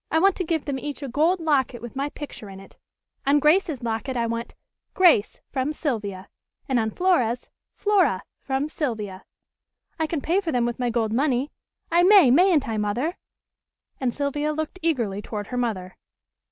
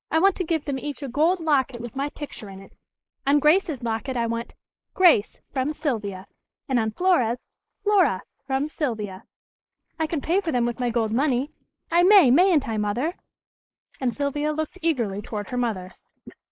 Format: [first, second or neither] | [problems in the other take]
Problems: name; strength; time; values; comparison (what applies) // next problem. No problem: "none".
first | noise reduction (neural mask model Resemble Enhance denoiser)